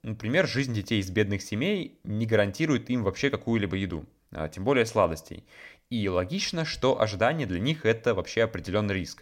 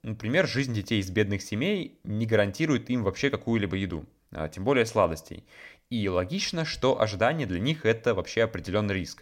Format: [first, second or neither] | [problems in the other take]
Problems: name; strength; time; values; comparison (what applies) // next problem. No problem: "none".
neither | none